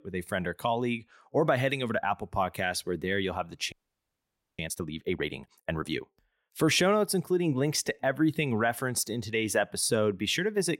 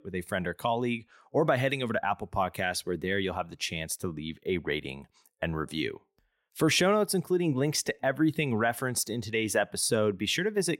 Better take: second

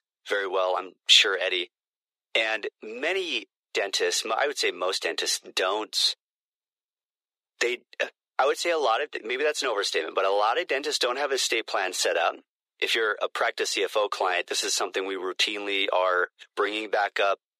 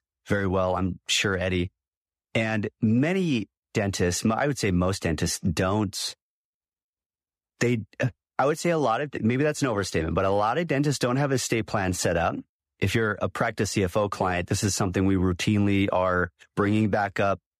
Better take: second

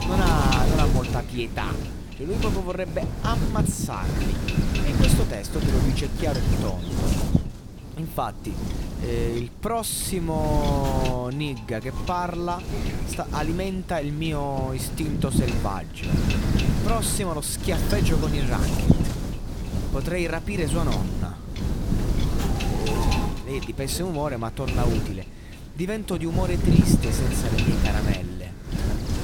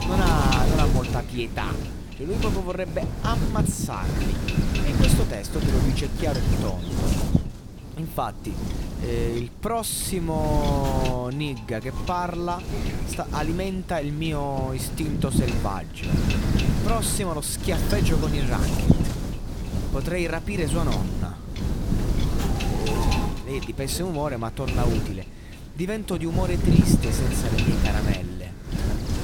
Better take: neither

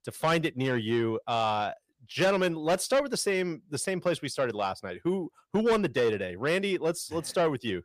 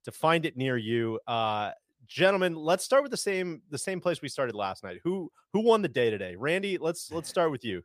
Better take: second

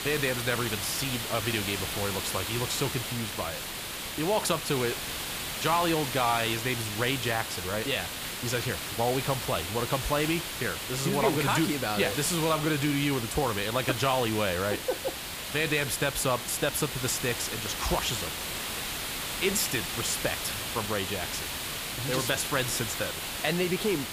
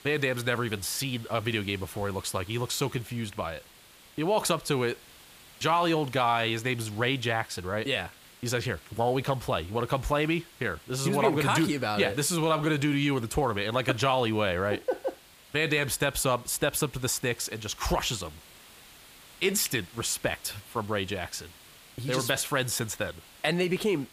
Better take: second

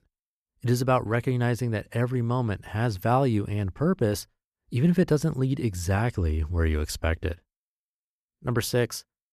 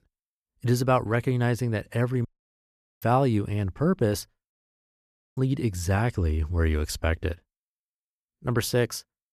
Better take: first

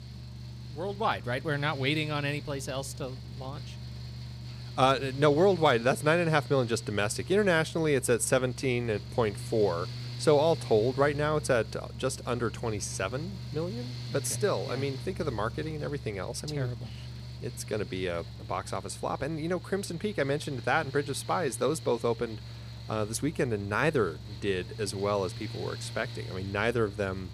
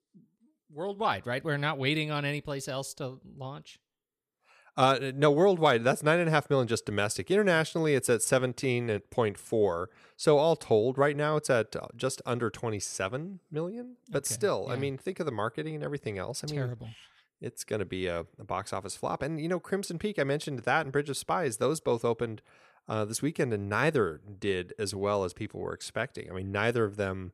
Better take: second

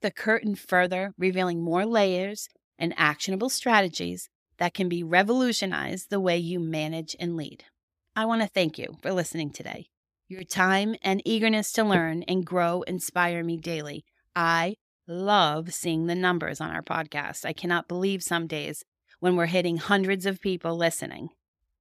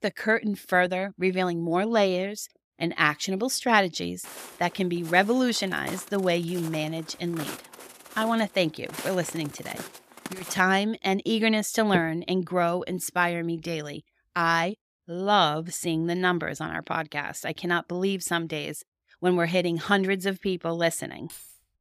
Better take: first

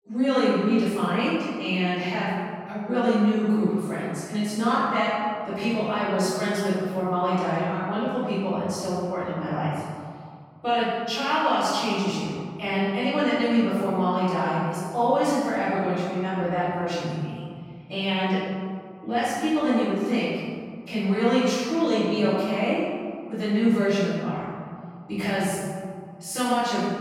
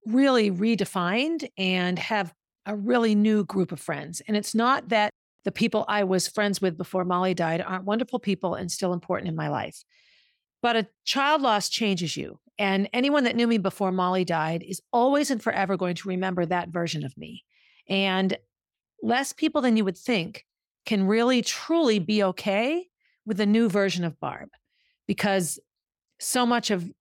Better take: second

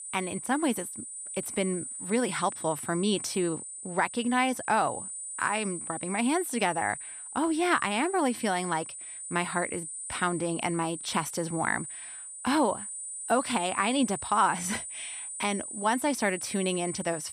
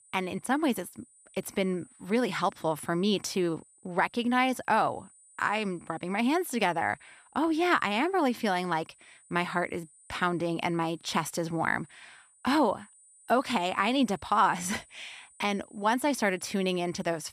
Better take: second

